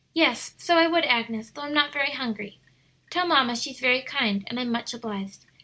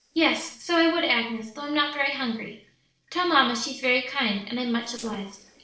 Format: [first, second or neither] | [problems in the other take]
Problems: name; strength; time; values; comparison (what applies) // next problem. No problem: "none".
first | noise reduction (neural separator model SepFormer DNS4)